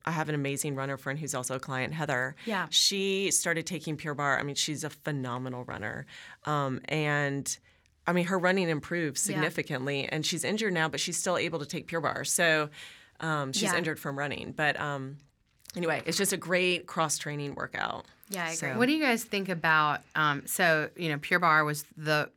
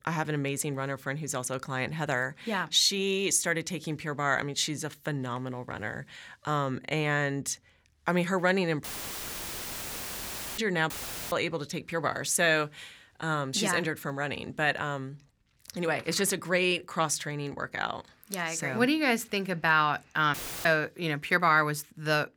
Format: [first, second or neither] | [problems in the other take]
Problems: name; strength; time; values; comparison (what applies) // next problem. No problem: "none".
first | audio cutting out; filled with static; at 9 s for 1.5 s, at 11 s and at 20 s